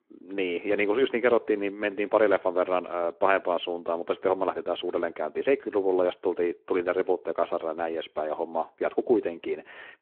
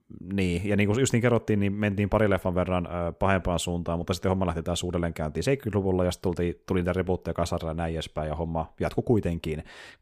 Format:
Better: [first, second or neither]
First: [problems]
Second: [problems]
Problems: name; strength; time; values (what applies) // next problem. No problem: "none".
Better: second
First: phone-call audio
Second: none